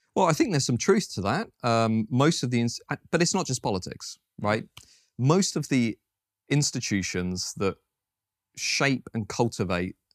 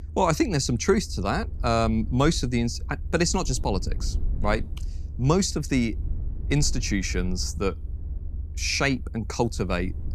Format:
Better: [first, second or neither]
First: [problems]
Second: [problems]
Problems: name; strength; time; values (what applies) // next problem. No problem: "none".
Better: first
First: none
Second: low rumble; faint; throughout; 25 dB below the speech